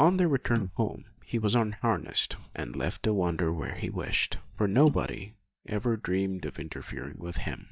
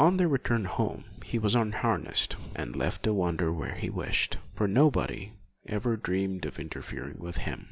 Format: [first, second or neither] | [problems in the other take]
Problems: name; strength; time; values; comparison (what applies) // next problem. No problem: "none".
second | noise reduction (neural mask model DeepFilterNet 3)